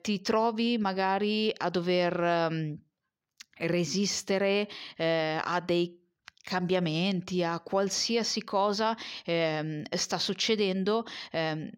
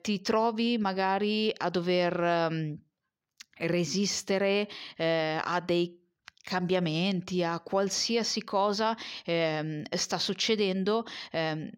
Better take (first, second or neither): neither